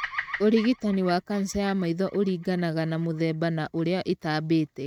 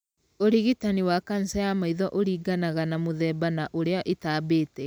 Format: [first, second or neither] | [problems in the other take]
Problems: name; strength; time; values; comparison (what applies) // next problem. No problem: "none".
second | noise reduction (neural mask model RNNoise)